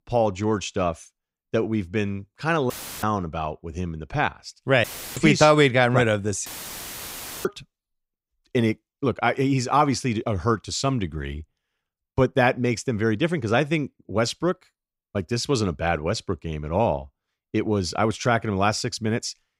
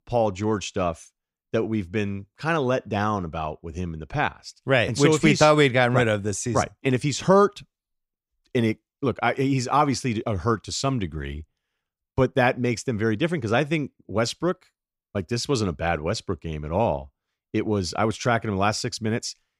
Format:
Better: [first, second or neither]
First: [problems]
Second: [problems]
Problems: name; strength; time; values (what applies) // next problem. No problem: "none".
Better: second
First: audio cutting out; filled with static; at 2.5 s, at 5 s and at 6.5 s for 1 s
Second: none